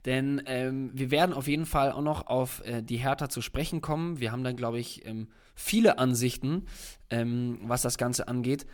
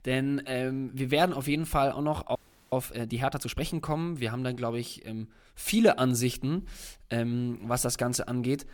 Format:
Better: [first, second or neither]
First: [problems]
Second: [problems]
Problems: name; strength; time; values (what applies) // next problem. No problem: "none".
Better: first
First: none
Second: audio freezing; at 2.5 s